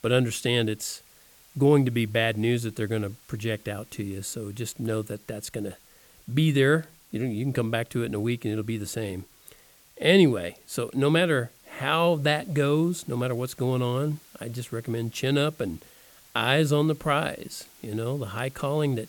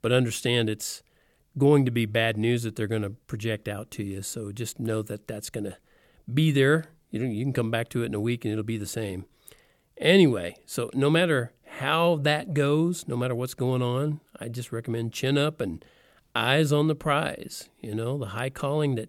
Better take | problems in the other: second | hiss; faint; throughout; 25 dB below the speech

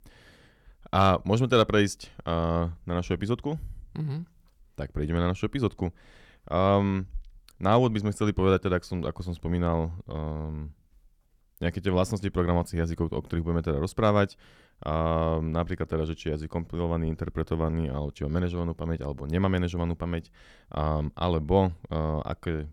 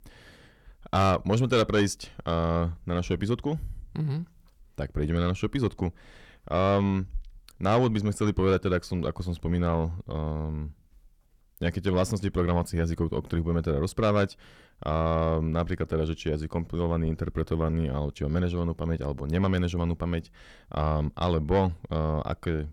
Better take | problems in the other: first | distortion; slight; 10 dB below the speech

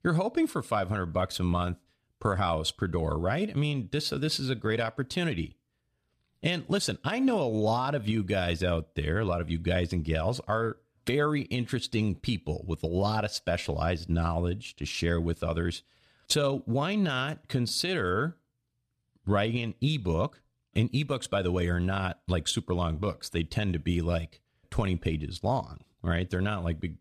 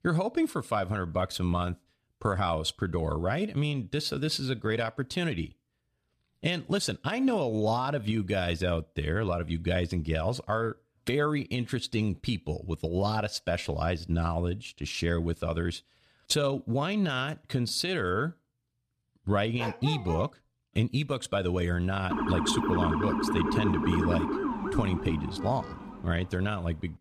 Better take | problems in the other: first | dog barking; noticeable; at 20 s; peak 6 dB below the speech // siren; loud; from 22 to 26 s; peak 2 dB above the speech

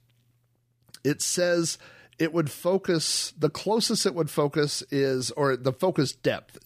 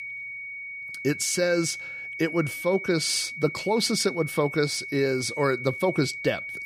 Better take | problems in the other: first | high-pitched whine; loud; throughout; 2 kHz, 8 dB below the speech

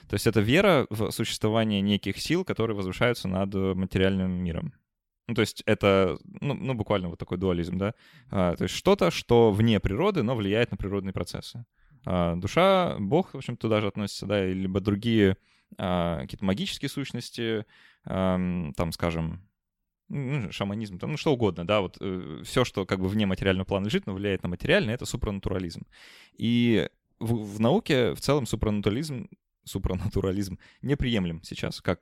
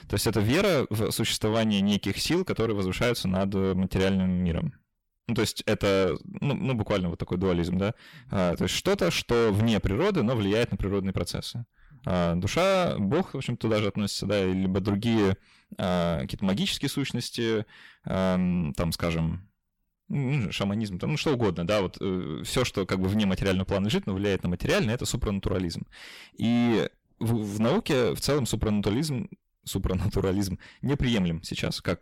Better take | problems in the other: first | distortion; heavy; 6 dB below the speech

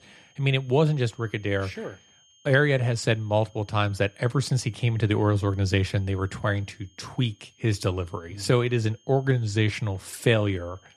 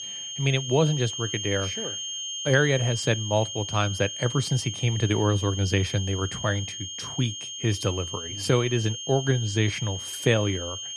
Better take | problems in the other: first | high-pitched whine; loud; throughout; 3 kHz, 6 dB below the speech; faint in the first

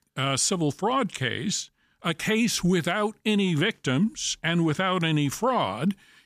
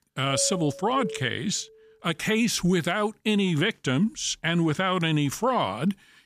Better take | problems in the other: first | doorbell; noticeable; until 1.5 s; peak 8 dB below the speech

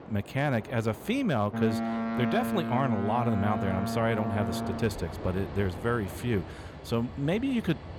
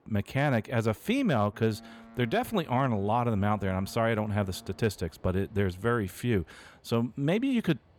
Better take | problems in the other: second | train or aircraft noise; loud; throughout; 4 dB below the speech; faint in the second

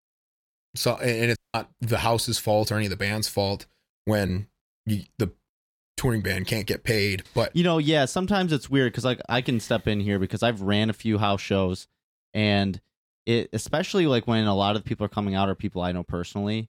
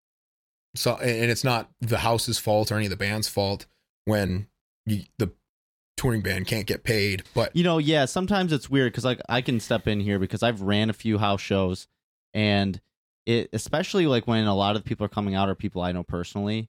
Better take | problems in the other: second | audio cutting out; at 1.5 s

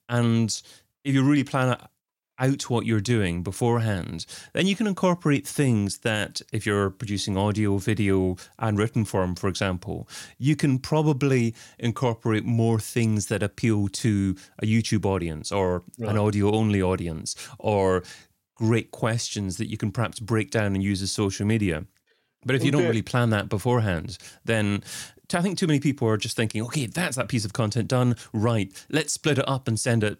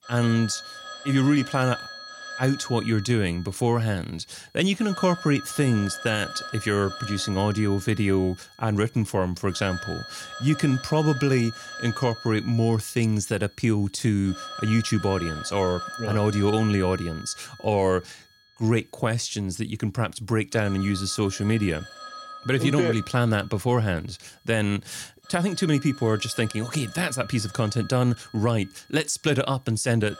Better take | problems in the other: first | alarms or sirens; noticeable; throughout; 15 dB below the speech

